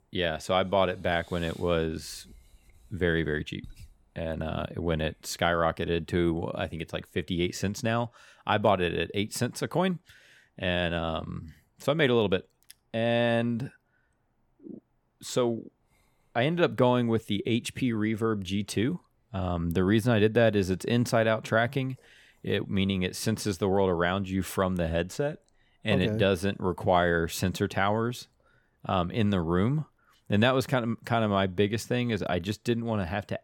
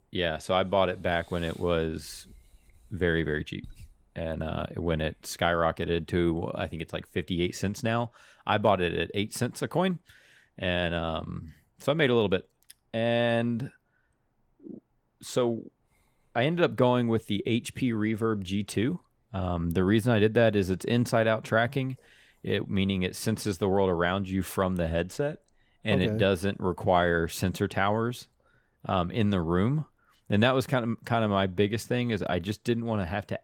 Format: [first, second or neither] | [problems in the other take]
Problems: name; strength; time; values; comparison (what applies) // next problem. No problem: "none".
first | garbled, watery; slightly; nothing above 18 kHz